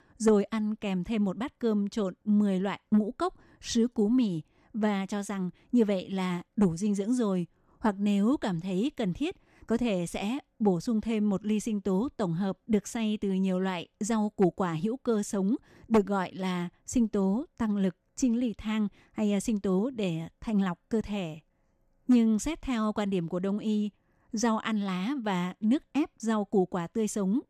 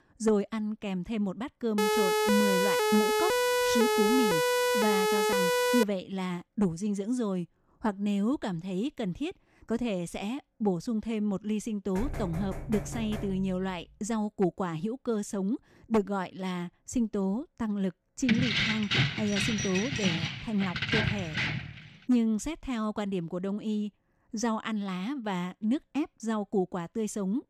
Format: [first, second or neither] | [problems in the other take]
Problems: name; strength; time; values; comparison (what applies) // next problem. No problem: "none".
first | siren; loud; from 2 to 6 s; peak 6 dB above the speech // door banging; noticeable; from 12 to 14 s; peak 6 dB below the speech // jangling keys; loud; from 18 to 22 s; peak 5 dB above the speech